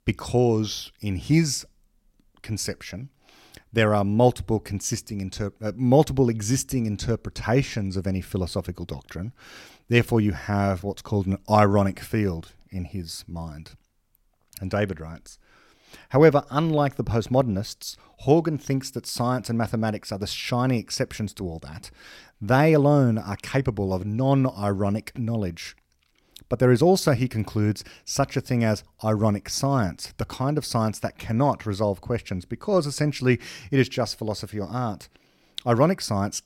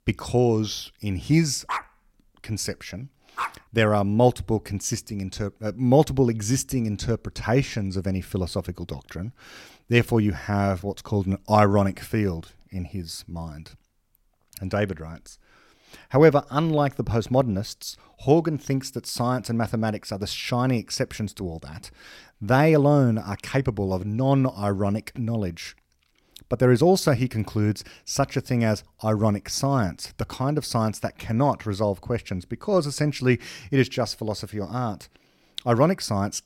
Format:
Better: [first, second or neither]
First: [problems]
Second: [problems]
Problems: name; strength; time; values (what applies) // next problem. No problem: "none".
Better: first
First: none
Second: dog barking; noticeable; from 1.5 to 3.5 s; peak 7 dB below the speech